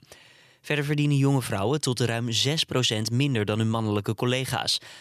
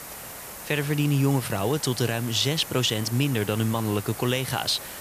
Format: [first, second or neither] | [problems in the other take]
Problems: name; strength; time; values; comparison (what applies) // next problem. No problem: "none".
first | hiss; noticeable; throughout; 10 dB below the speech